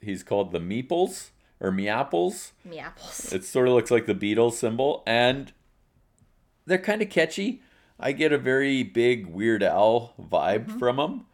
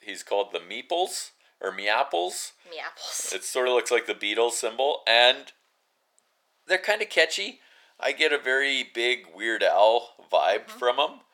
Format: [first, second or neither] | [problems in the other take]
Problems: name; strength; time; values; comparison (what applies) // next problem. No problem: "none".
first | thin; very; fading below 550 Hz